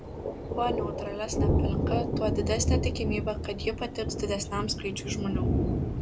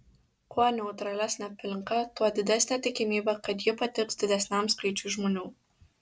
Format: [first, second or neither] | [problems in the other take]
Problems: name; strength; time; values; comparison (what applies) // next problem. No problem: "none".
second | background sound (Thunder); 4 dB above the speech